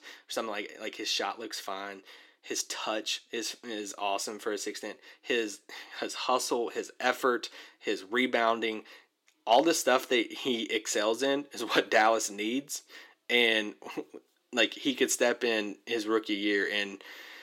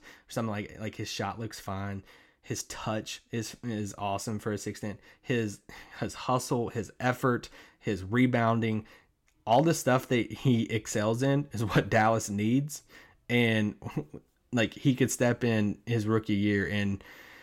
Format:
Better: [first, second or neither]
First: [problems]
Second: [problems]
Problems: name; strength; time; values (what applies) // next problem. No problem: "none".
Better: second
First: thin; somewhat; fading below 350 Hz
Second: none